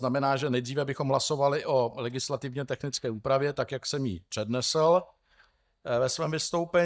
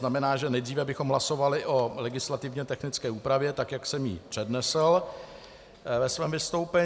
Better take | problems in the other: second | noise reduction (neural mask model DeepFilterNet 3)

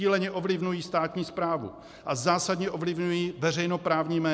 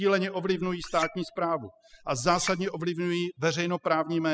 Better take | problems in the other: first | noise reduction (classical method spectral subtraction)

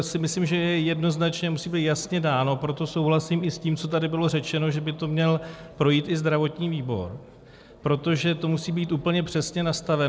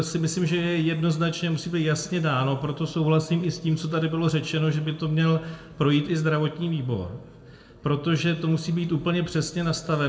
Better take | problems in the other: first | room echo; dies away in 1.3 s

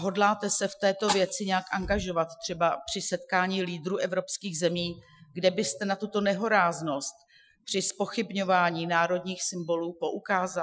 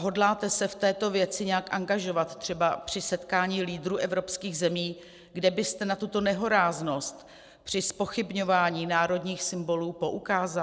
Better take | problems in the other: second | noise reduction (classical method Wiener filter)

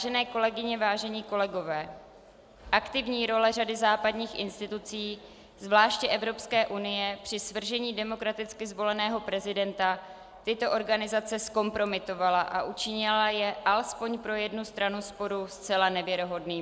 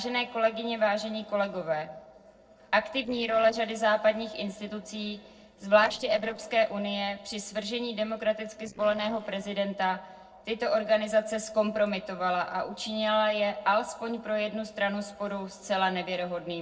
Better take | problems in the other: first | noise reduction (neural separator model SepFormer DNS4)

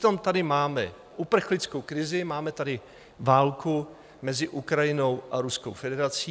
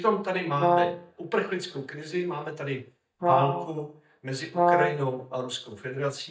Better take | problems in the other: first | noise reduction (neural mask model DeepFilterNet 3)

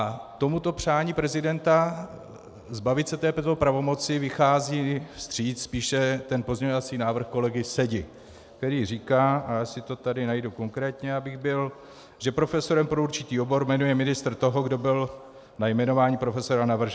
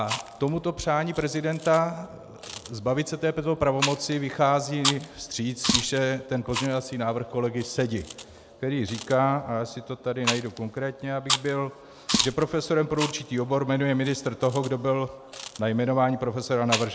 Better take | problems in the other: first | background sound (Chewing, mastication); 8 dB below the speech

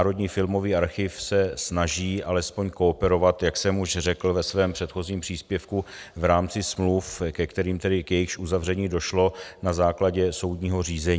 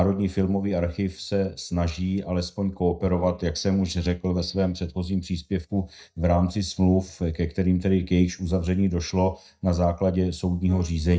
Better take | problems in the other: first | noise reduction (neural mask model DeepFilterNet 3)

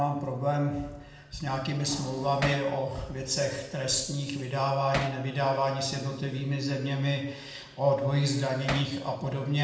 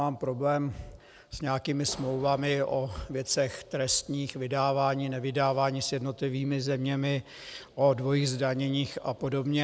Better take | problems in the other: second | background sound (Hammer); 5 dB below the speech // room echo; dies away in 0.9 s

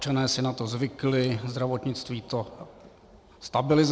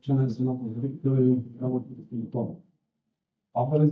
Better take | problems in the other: first | noise reduction (neural mask model DeepFilterNet 3)

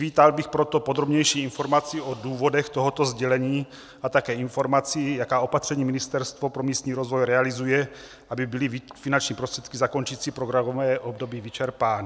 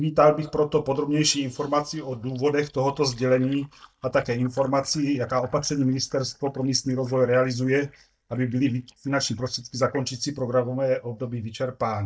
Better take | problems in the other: first | noise reduction (neural mask model DeepFilterNet 3)

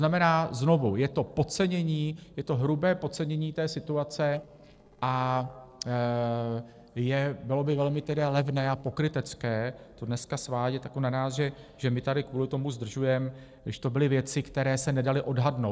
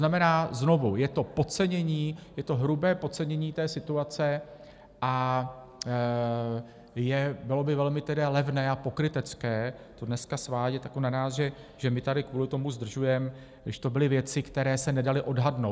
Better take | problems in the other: second | noise reduction (neural separator model SepFormer DNS4)

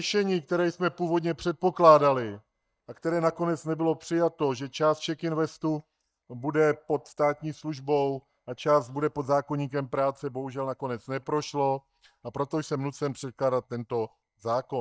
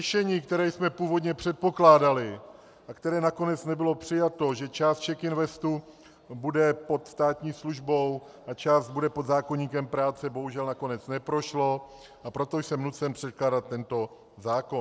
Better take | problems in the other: second | noise reduction (neural mask model DeepFilterNet 3)

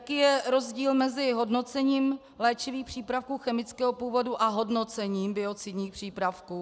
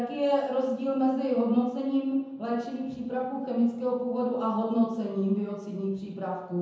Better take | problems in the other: first | room echo; dies away in 0.9 s

